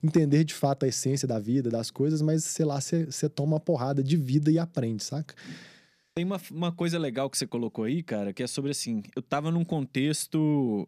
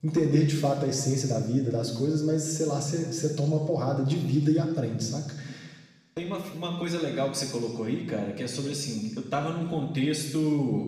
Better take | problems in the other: first | room echo; noticeable; dies away in 1.1 s // off-mic speech; far

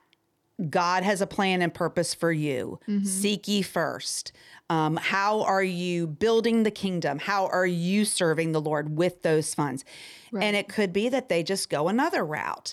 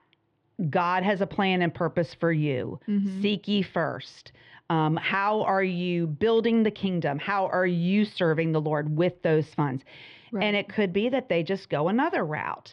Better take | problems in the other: first | muffled; slightly; fading above 3 kHz

